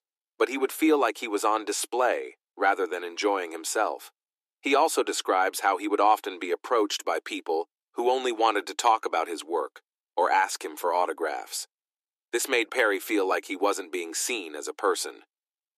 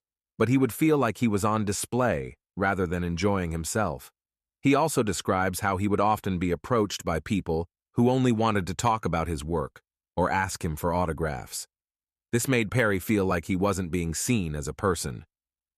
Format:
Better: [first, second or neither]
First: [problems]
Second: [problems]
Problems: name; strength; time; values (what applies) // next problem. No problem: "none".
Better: second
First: thin; very; fading below 300 Hz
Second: none